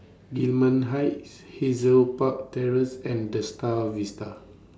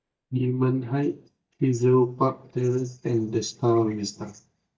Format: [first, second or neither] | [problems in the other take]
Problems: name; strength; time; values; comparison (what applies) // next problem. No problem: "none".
first | noise reduction (neural mask model DeepFilterNet 3)